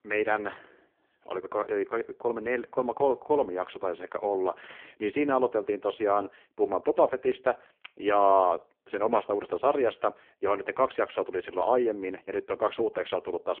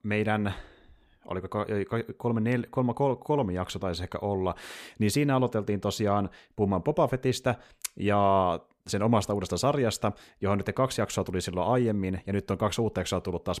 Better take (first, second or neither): second